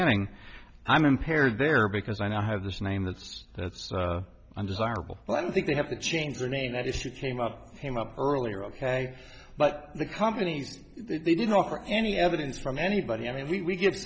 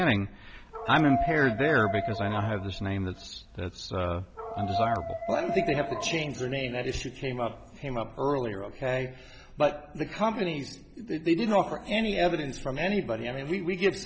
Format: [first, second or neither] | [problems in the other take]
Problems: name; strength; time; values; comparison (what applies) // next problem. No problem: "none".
first | background sound (Dog); 6 dB below the speech